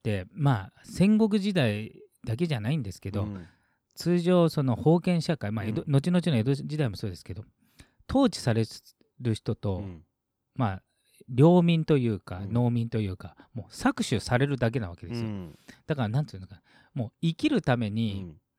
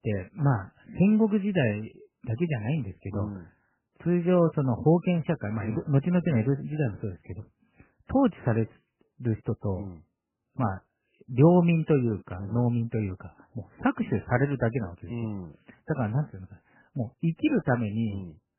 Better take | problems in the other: first | garbled, watery; badly; nothing above 3 kHz

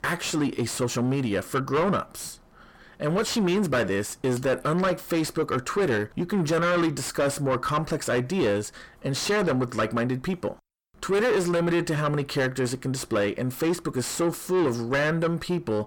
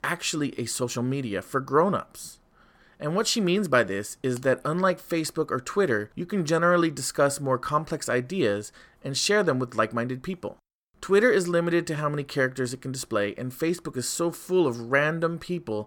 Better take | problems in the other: second | distortion; heavy; 7 dB below the speech

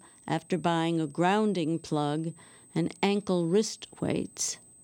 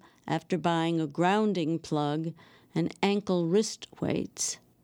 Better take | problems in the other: second | high-pitched whine; faint; throughout; 8 kHz, 25 dB below the speech

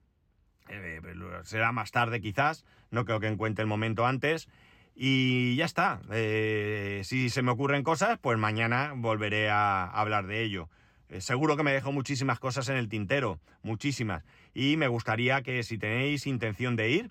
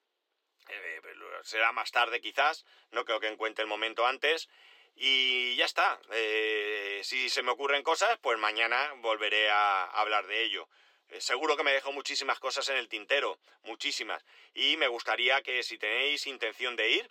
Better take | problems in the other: first | thin; very; fading below 400 Hz

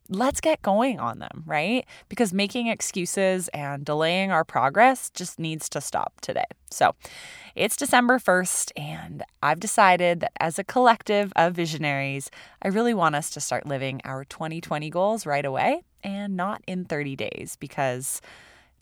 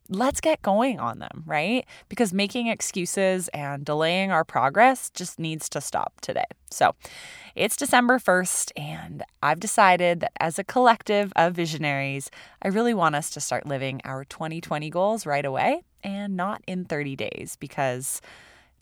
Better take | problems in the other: neither | none

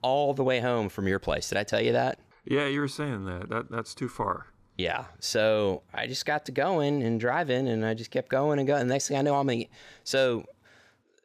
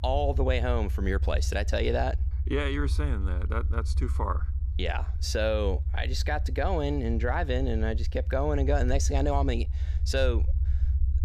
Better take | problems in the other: first | low rumble; noticeable; throughout; 15 dB below the speech

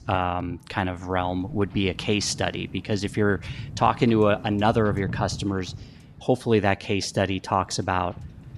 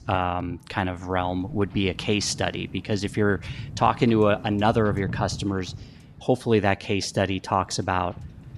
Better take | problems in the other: neither | wind noise on the microphone; occasional gusts; 25 dB below the speech; the same in both

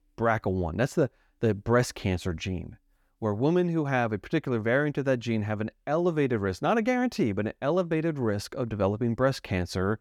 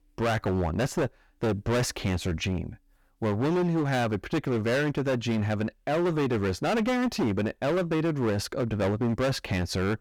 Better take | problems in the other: first | distortion; heavy; 21% of the sound clipped

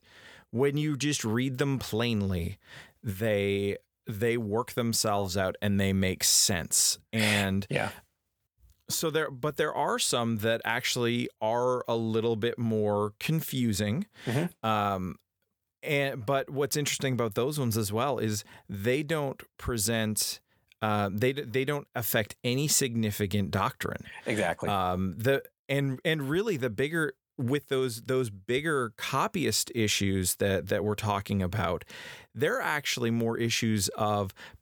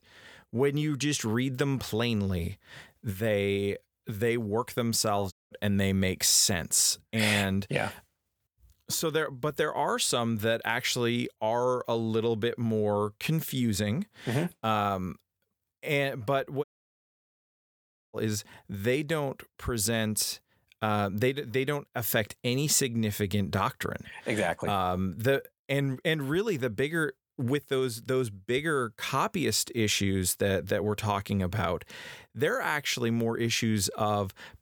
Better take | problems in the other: first | audio cutting out; at 5.5 s and at 17 s for 1.5 s

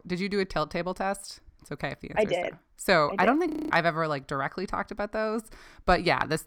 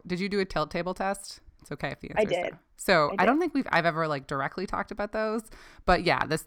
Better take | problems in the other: second | audio freezing; at 3.5 s

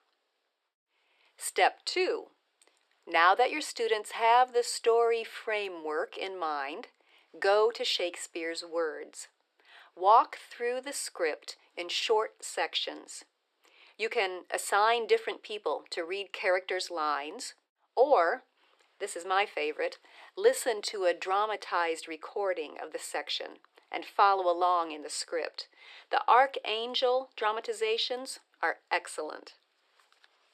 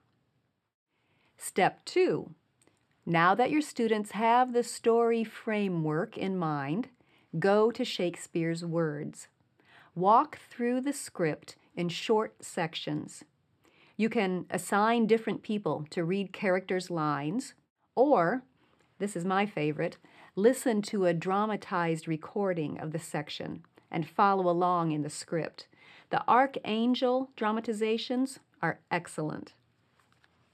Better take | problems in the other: second | thin; very; fading below 400 Hz

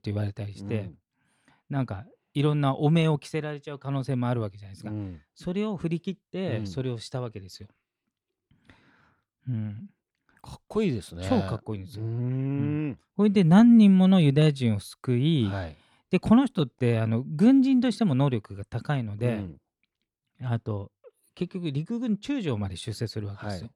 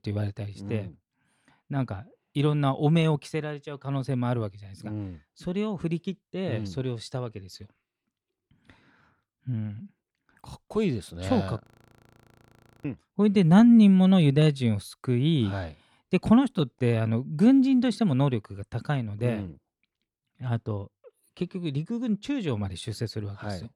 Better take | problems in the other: first | audio freezing; at 12 s for 1 s

